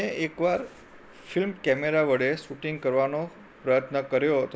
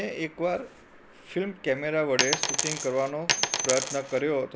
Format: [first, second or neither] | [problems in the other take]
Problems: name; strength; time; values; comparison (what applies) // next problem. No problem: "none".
first | background sound (Coin (dropping)); as loud as the speech